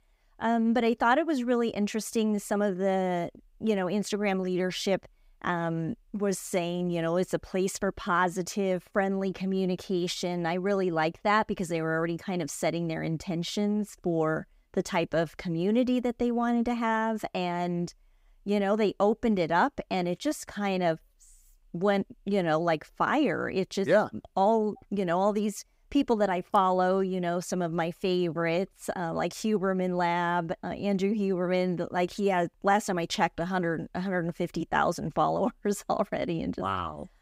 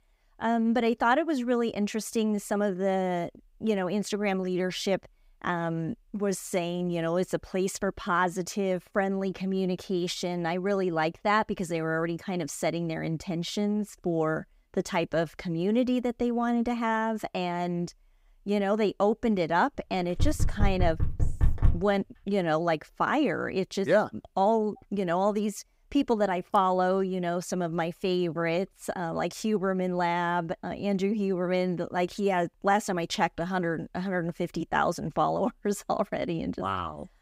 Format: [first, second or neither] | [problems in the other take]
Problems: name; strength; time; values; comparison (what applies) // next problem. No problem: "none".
first | door banging; loud; from 20 to 22 s; peak 2 dB above the speech